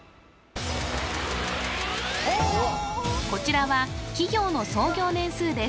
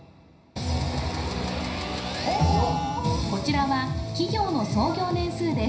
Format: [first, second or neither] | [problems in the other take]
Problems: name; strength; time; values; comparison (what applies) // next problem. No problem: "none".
first | background sound (Bowed string instrument); 18 dB below the speech // room echo; dies away in 0.5 s